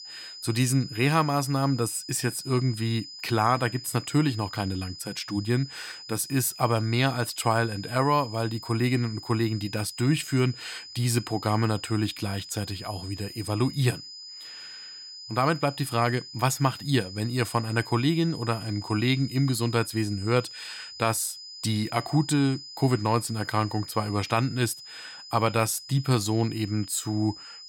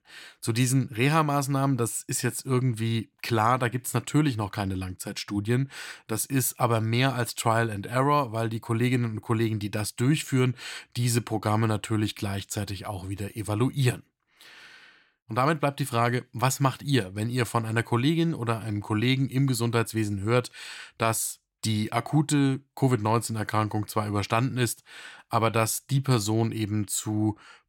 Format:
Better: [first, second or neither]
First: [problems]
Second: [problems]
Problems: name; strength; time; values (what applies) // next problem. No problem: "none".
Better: second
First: high-pitched whine; noticeable; throughout; 5 kHz, 15 dB below the speech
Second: none